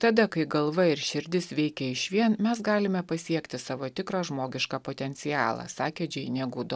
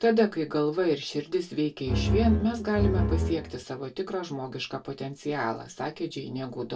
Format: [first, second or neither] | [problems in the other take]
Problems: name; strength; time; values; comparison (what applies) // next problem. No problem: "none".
first | background sound (Bowed string instrument); 2 dB above the speech // room echo; dies away in 0.1 s